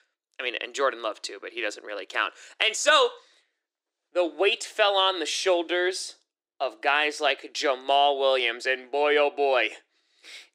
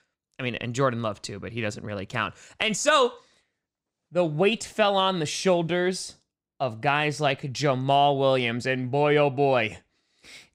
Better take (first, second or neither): second